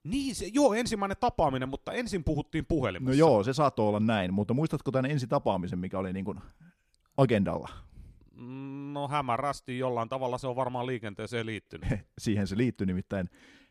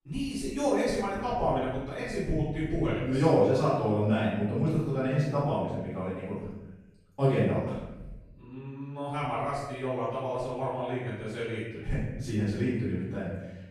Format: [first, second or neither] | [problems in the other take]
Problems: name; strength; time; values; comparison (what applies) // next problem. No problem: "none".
first | room echo; strong; dies away in 0.9 s // off-mic speech; far